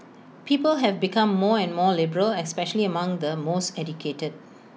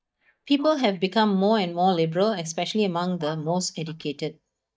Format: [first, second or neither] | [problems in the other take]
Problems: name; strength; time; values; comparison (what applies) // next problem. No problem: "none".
first | noise reduction (neural mask model DeepFilterNet 3)